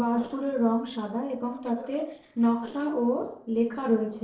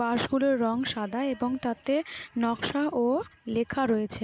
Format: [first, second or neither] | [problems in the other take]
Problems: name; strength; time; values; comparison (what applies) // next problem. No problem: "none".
second | noise reduction (neural separator model SepFormer DNS4)